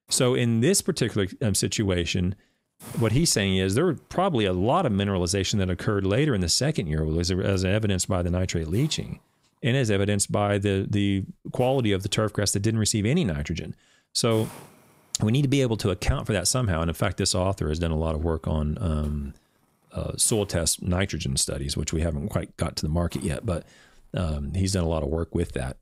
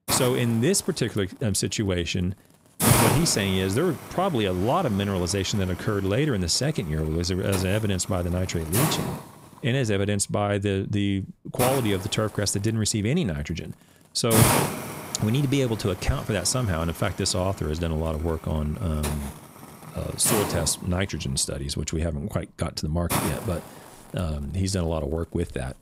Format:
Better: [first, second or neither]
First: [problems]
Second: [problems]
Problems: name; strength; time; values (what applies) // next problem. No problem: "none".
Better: first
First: hiss; faint; throughout; 25 dB below the speech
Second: hiss; loud; throughout; 3 dB below the speech